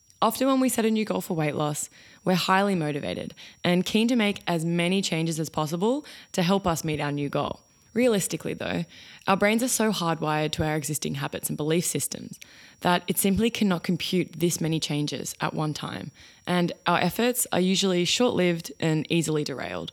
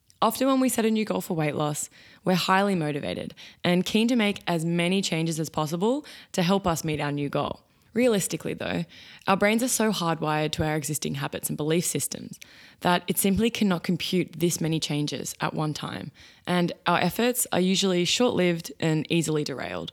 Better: second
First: high-pitched whine; faint; throughout; 5.5 kHz, 35 dB below the speech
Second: none

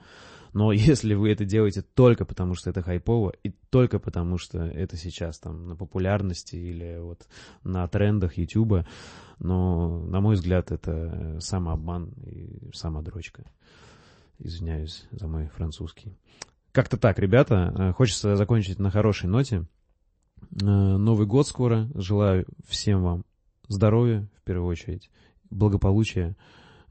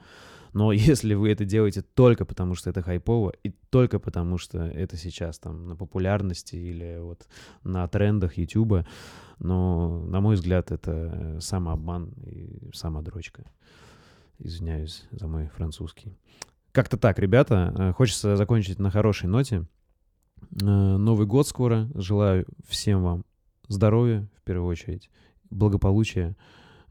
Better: second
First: garbled, watery; slightly; nothing above 8 kHz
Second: none

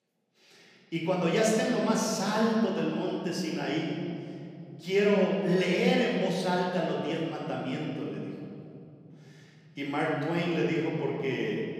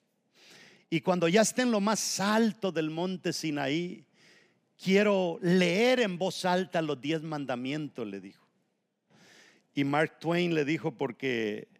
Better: second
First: room echo; noticeable; dies away in 3 s // off-mic speech; far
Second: none

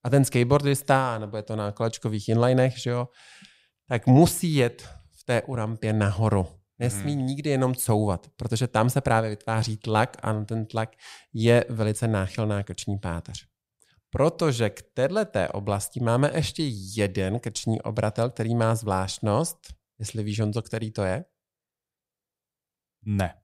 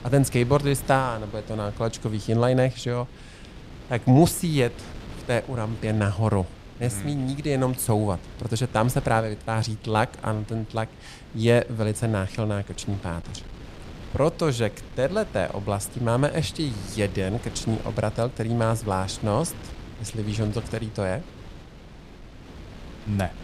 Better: first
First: none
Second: wind noise on the microphone; occasional gusts; 20 dB below the speech

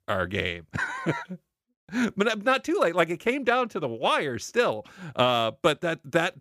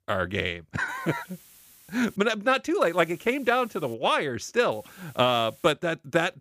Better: first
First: none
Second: hiss; faint; from 1 to 2 s, from 3 to 4 s and from 4.5 to 5.5 s; 25 dB below the speech

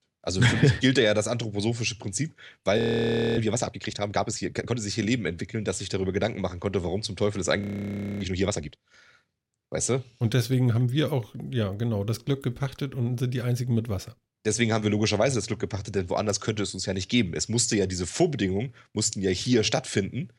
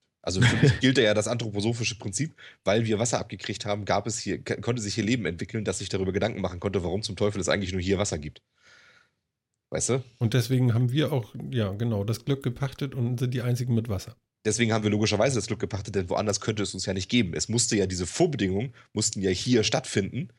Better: second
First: audio freezing; at 3 s for 0.5 s and at 7.5 s for 0.5 s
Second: none

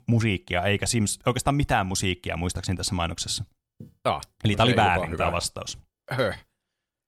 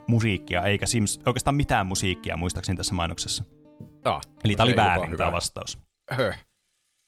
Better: first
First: none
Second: background music; faint; throughout; 25 dB below the speech

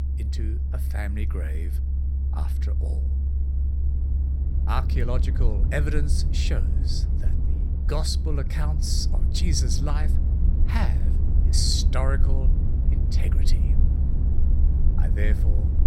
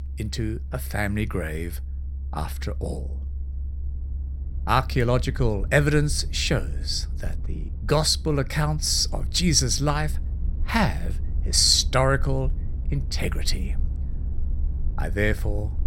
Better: second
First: low rumble; loud; throughout; 8 dB below the speech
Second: low rumble; faint; throughout; 25 dB below the speech

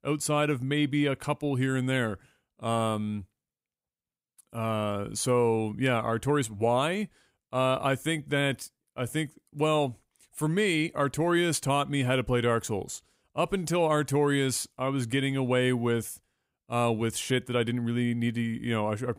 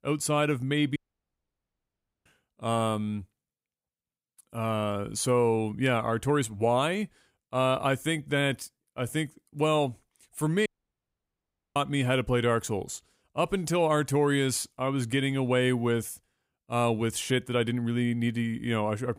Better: first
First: none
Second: audio cutting out; at 1 s for 1.5 s and at 11 s for 1 s

